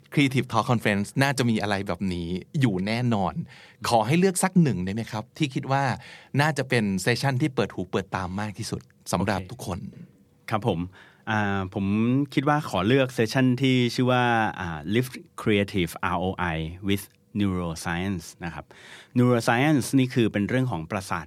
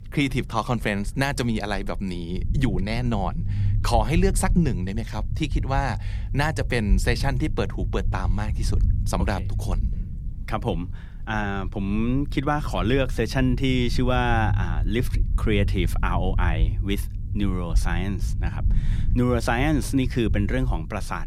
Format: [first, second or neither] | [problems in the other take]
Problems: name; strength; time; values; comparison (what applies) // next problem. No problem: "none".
first | low rumble; noticeable; throughout; 15 dB below the speech